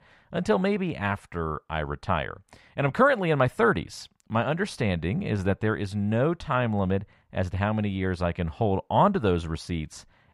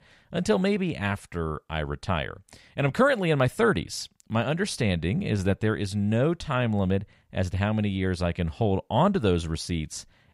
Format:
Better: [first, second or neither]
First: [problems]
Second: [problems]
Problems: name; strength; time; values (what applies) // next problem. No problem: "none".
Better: second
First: muffled; slightly; fading above 3.5 kHz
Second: none